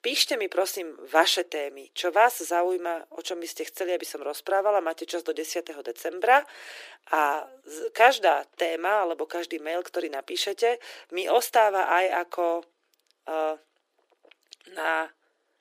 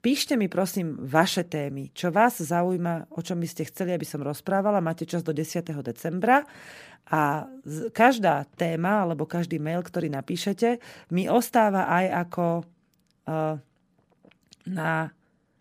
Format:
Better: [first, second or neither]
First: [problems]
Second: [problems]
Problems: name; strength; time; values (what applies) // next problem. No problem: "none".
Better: second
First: thin; very; fading below 350 Hz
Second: none